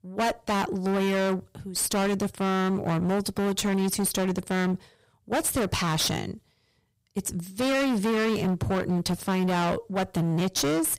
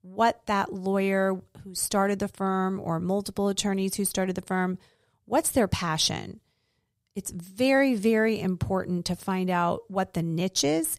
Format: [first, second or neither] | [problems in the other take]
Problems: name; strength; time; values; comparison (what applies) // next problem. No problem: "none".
second | distortion; heavy; 28% of the sound clipped